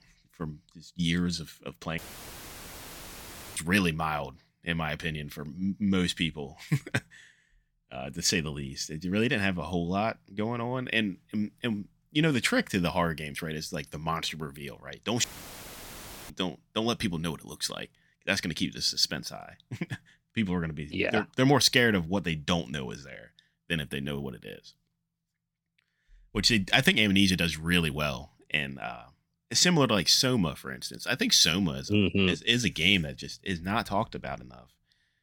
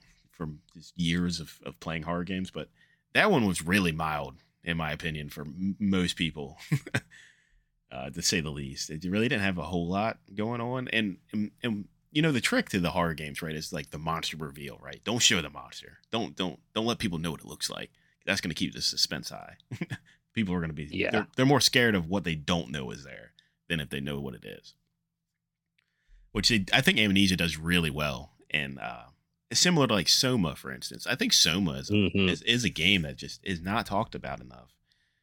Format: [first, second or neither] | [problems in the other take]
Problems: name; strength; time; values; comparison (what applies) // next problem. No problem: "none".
second | audio cutting out; filled with static; at 2 s for 1.5 s and at 15 s for 1 s